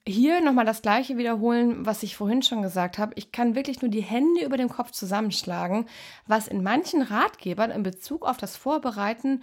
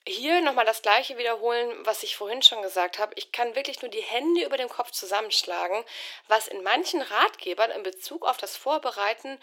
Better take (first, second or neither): first